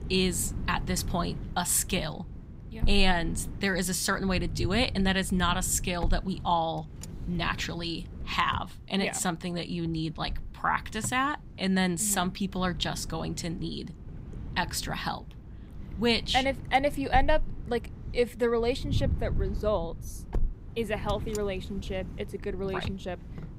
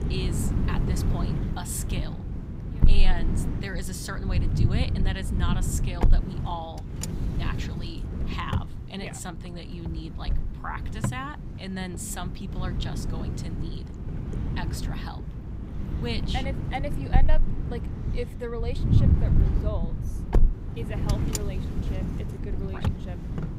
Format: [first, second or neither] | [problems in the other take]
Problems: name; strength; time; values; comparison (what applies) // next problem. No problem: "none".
first | wind noise on the microphone; heavy; 3 dB below the speech; occasional gusts in the first